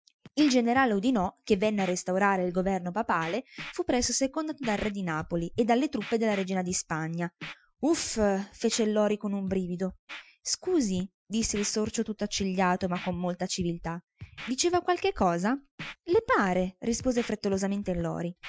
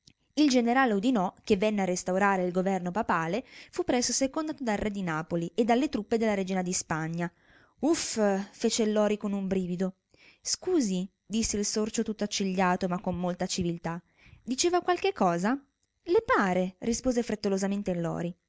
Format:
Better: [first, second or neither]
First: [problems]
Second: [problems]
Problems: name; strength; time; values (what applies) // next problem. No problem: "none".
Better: second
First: noise reduction (classical method Wiener filter)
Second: none